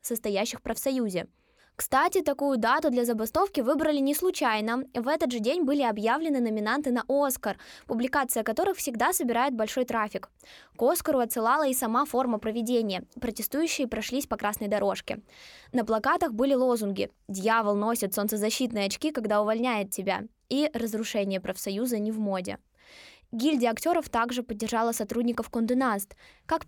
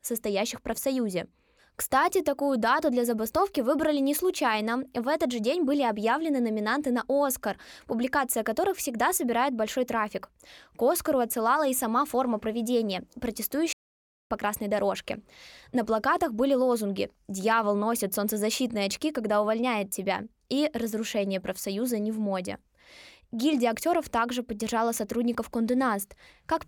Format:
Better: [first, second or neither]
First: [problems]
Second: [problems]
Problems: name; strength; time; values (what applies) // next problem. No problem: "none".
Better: first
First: none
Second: audio cutting out; at 14 s for 0.5 s